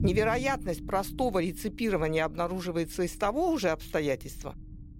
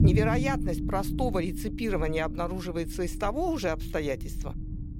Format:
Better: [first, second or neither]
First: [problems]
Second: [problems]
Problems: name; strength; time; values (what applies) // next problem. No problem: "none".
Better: first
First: low rumble; faint; throughout; 20 dB below the speech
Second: low rumble; loud; throughout; 10 dB below the speech